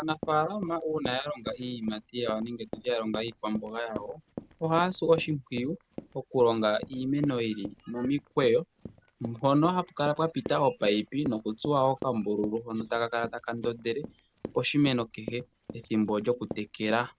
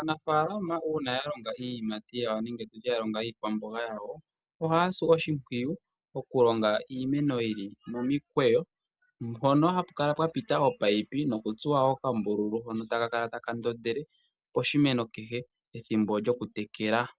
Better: second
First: background sound (Run); 15 dB below the speech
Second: none

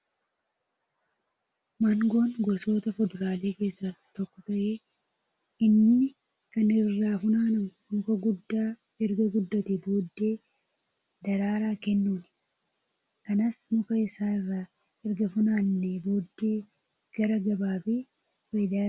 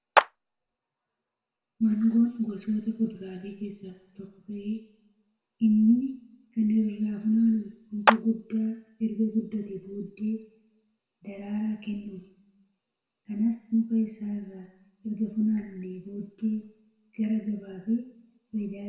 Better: first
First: none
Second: background sound (Clapping); 1 dB above the speech // room echo; dies away in 0.8 s

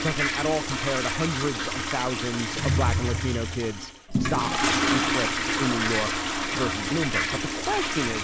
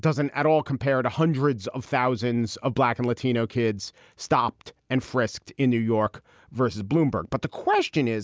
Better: second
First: background sound (Toilet flush); 3 dB above the speech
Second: none

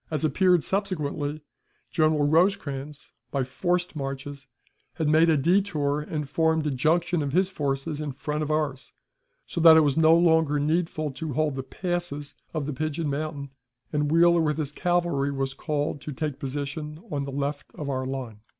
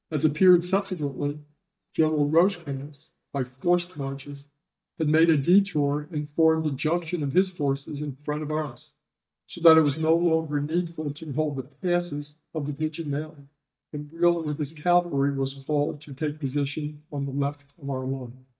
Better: first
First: none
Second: noise reduction (neural mask model DeepFilterNet 3)

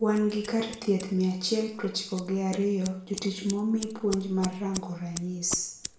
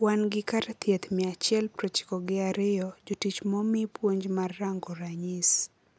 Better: second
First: background sound (Scissors); 15 dB below the speech // room echo; dies away in 0.5 s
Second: none

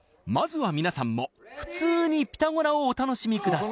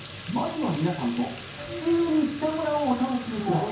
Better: first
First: none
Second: background sound (Fill (with liquid) / Trickle, dribble / Sink (filling or washing)); 13 dB below the speech // room echo; dies away in 0.6 s

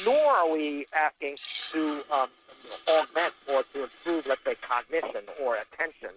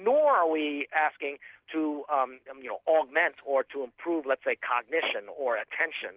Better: second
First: noise reduction (neural mask model RNNoise)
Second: none

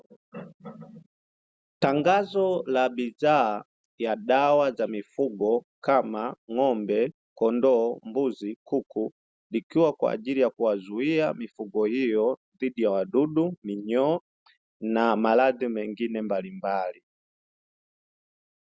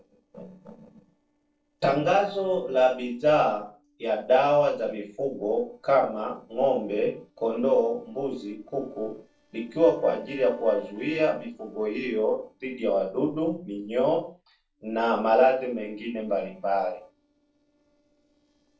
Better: first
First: none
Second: noise reduction (neural separator model SepFormer DNS4)

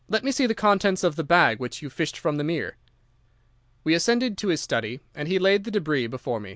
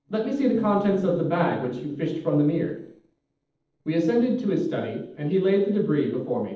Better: first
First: none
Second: noise reduction (neural separator model SepFormer DNS4)

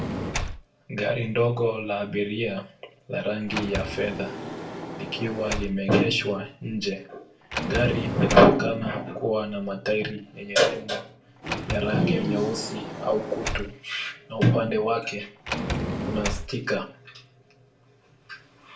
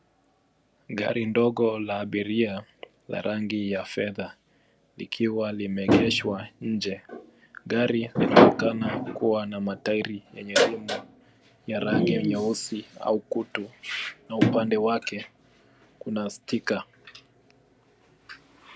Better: second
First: background sound (Sliding door); 8 dB below the speech // room echo; dies away in 0.3 s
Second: none

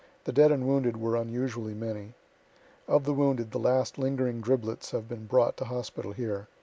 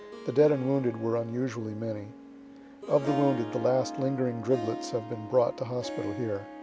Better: first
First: none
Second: background sound (Harp); 10 dB below the speech

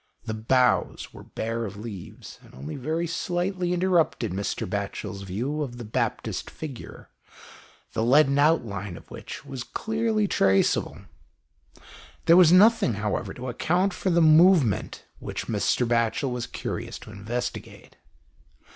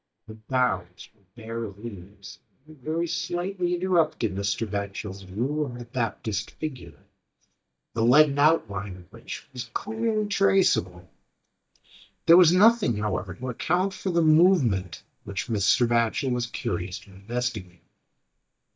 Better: first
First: none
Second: noise reduction (neural mask model DeepFilterNet 3)

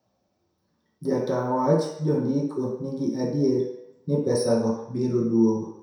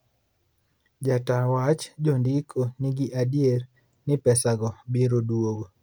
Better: second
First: room echo; dies away in 0.7 s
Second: none

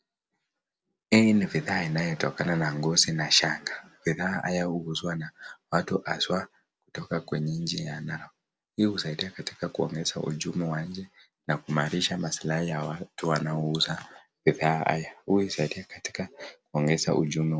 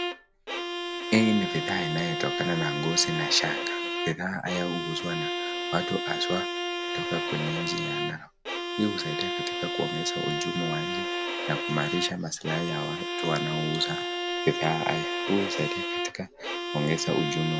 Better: first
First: none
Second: background sound (Bowed string instrument); 1 dB below the speech

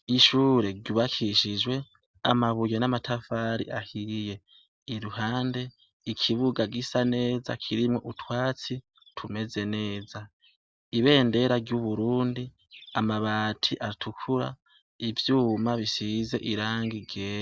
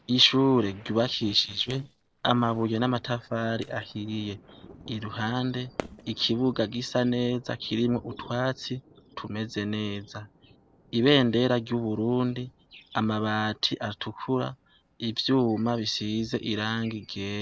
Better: first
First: none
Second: noise reduction (neural separator model SepFormer DNS4)

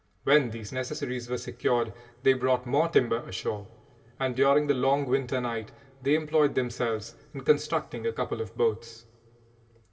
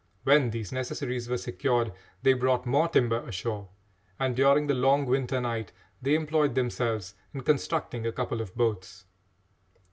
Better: second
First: room echo; dies away in 1.9 s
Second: none

